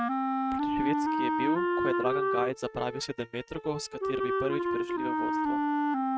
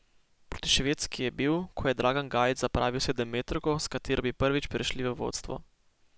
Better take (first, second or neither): second